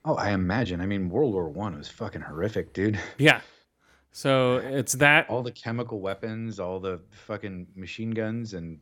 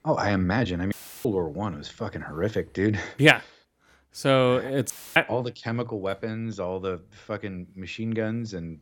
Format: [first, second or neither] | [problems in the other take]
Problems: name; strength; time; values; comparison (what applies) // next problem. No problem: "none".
first | audio cutting out; filled with static; at 1 s and at 5 s